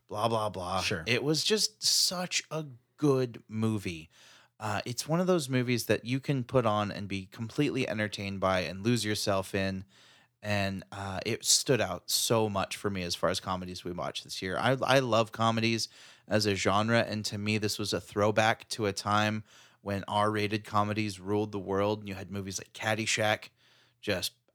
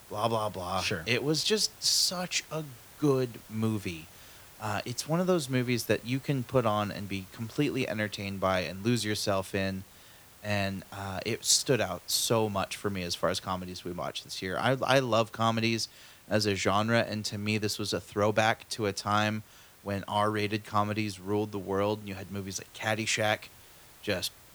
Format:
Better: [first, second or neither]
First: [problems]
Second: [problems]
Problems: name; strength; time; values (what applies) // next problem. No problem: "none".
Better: first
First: none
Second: hiss; faint; throughout; 20 dB below the speech